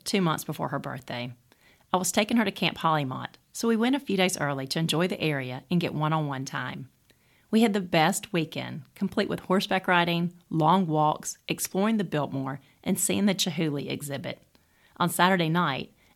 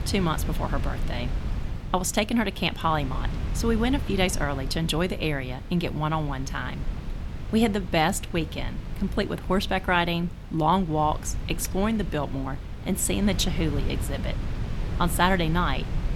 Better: first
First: none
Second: wind noise on the microphone; occasional gusts; 15 dB below the speech

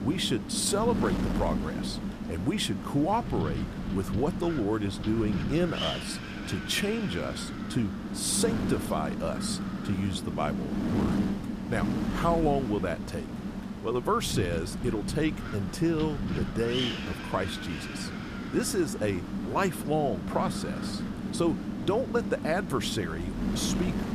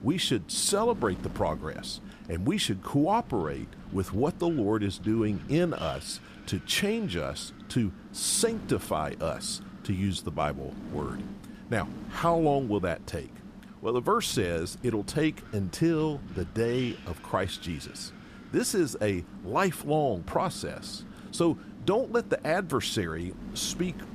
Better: second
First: wind noise on the microphone; heavy; 6 dB below the speech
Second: wind noise on the microphone; occasional gusts; 20 dB below the speech

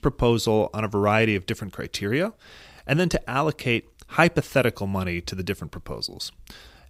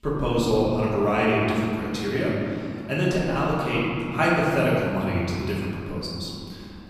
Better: first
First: none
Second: room echo; strong; dies away in 3 s // off-mic speech; far

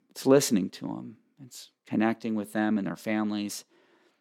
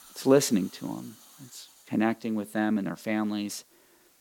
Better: first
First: none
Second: hiss; faint; throughout; 25 dB below the speech

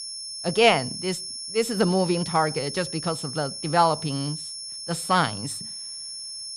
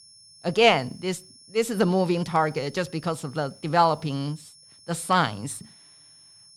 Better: second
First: high-pitched whine; loud; throughout; 5.5 kHz, 8 dB below the speech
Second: high-pitched whine; faint; throughout; 5.5 kHz, 25 dB below the speech

